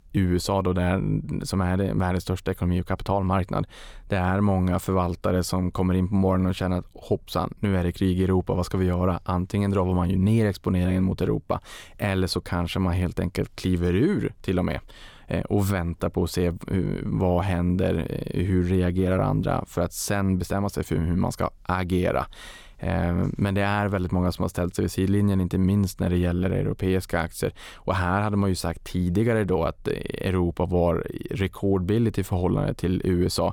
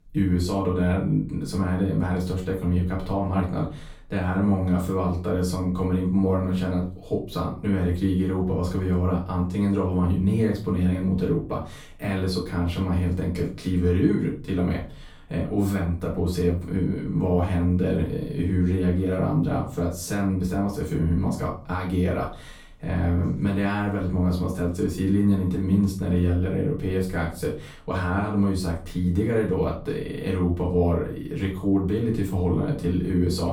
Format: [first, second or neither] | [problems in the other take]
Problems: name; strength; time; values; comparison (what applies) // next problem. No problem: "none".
first | off-mic speech; far // room echo; slight; dies away in 0.3 s